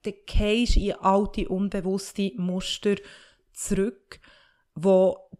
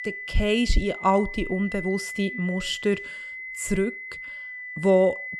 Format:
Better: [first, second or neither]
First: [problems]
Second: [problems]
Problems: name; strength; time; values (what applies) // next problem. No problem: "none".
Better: first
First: none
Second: high-pitched whine; loud; throughout; 2 kHz, 9 dB below the speech